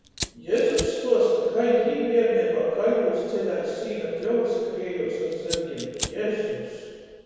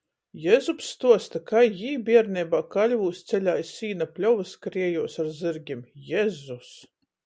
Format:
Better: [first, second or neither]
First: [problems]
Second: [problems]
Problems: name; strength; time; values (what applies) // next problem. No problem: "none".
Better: second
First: background sound (Fire); 15 dB below the speech // room echo; dies away in 1.9 s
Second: none